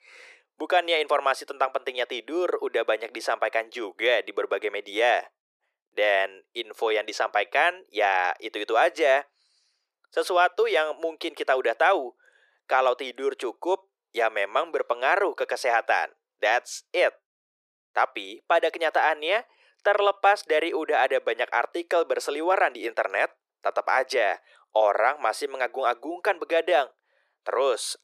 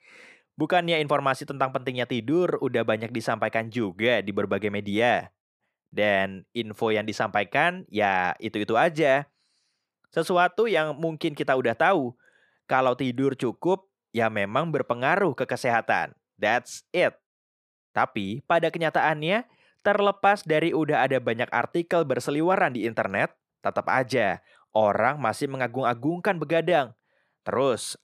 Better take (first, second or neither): second